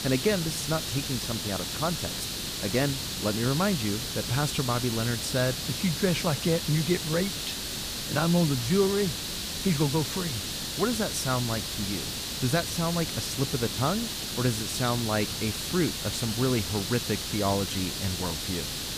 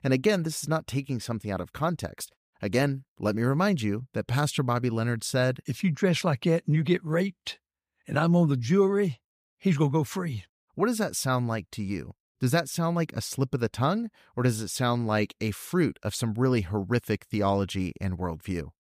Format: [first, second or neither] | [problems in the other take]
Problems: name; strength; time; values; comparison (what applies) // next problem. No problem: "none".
second | hiss; loud; throughout; 2 dB below the speech